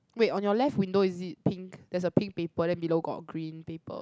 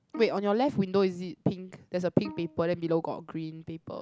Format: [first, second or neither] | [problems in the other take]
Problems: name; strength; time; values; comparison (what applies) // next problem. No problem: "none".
first | background sound (Bowed string instrument); 20 dB below the speech